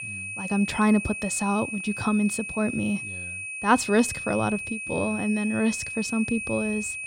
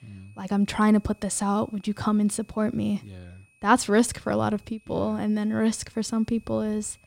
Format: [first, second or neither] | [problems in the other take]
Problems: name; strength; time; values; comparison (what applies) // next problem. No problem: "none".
second | high-pitched whine; loud; throughout; 2.5 kHz, 6 dB below the speech; faint in the second